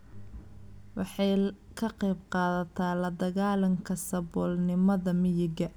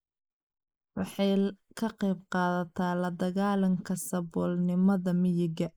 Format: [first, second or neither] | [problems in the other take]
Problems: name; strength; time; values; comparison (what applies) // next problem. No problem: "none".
first | noise reduction (neural mask model Resemble Enhance denoiser)